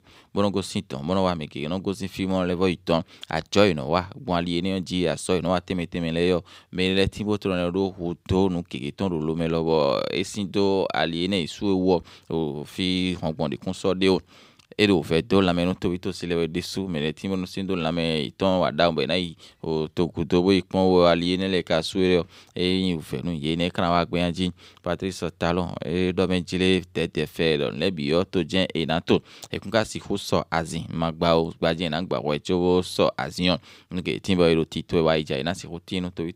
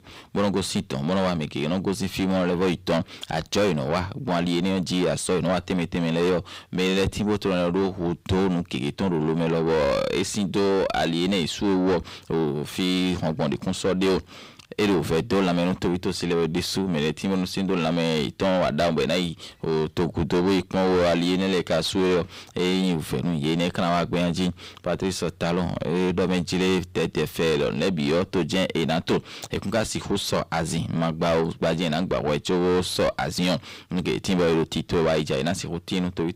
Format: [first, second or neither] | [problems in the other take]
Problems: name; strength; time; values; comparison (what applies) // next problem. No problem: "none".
first | distortion; heavy; 6 dB below the speech